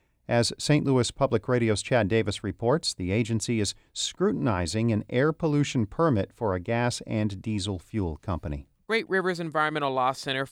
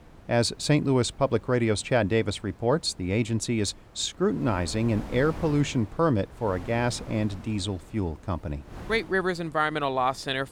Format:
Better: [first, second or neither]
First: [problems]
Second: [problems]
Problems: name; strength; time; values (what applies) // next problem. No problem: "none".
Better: first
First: none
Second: wind noise on the microphone; occasional gusts; 20 dB below the speech